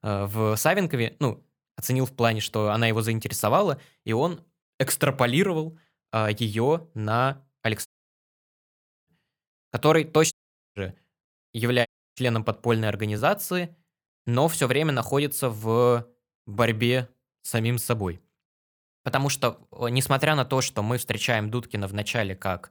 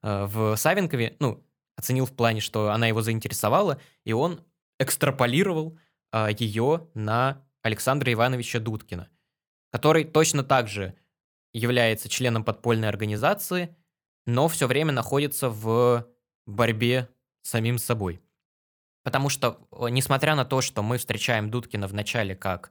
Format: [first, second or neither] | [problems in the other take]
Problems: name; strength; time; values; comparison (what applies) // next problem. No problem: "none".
second | audio cutting out; at 8 s for 1 s, at 10 s and at 12 s